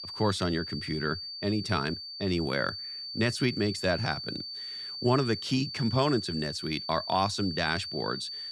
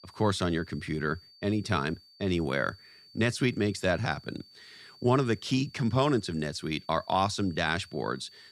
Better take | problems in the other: second | high-pitched whine; loud; throughout; 4.5 kHz, 6 dB below the speech; faint in the second

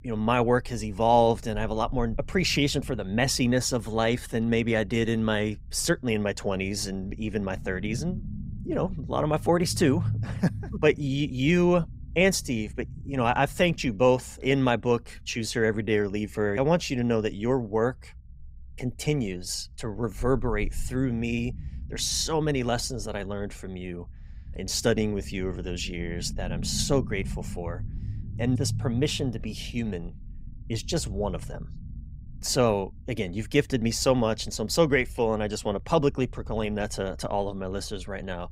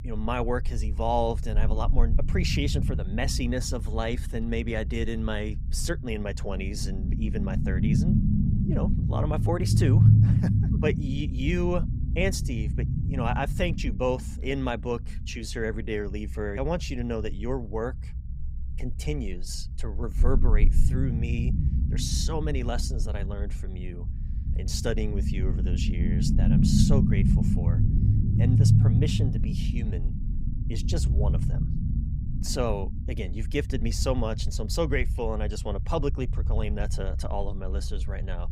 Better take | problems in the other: first | low rumble; loud; throughout; 5 dB below the speech; faint in the first

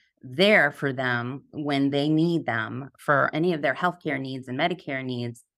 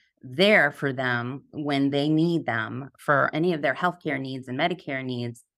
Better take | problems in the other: neither | none

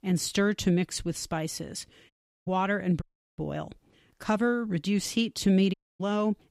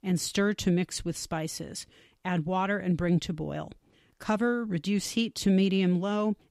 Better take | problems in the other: second | audio cutting out; at 2 s, at 3 s and at 5.5 s

